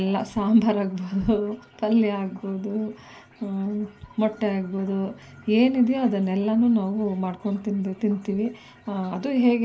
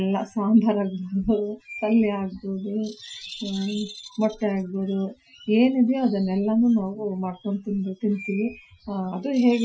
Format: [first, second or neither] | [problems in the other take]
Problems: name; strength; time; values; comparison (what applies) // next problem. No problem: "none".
first | noise reduction (classical method Wiener filter)